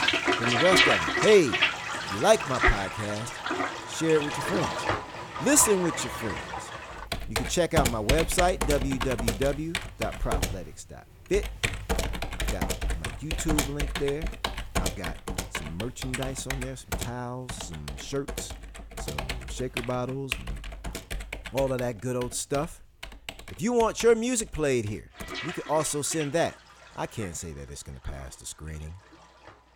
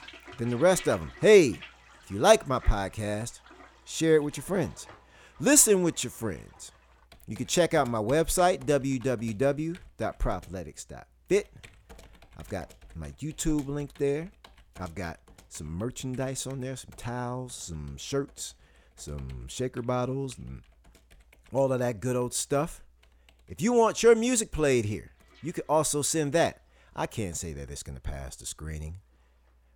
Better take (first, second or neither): second